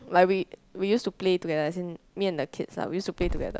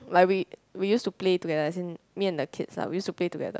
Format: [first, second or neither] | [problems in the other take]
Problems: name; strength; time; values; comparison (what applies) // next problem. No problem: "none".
second | background sound (Growling / Hiss); 13 dB below the speech